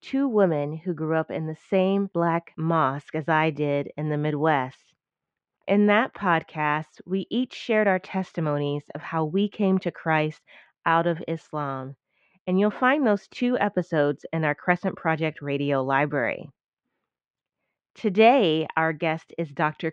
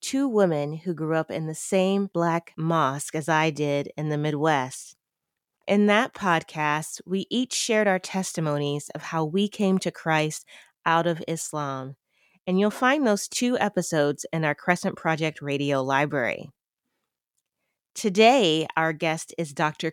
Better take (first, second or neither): second